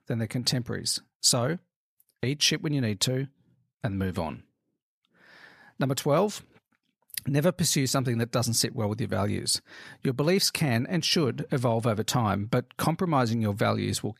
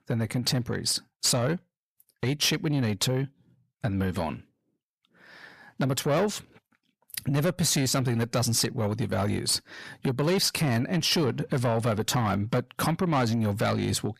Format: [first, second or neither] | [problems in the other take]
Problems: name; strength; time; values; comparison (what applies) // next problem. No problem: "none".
first | distortion; slight; 10 dB below the speech